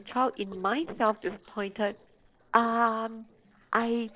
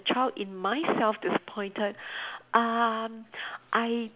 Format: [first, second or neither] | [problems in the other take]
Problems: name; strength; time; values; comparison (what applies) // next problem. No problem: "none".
second | noise reduction (neural separator model SepFormer DNS4)